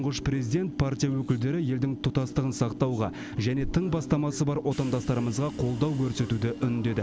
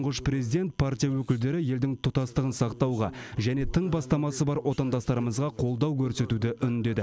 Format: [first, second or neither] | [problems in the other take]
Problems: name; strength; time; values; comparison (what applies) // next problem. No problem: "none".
second | background sound (Subway, metro, underground / Train); 13 dB below the speech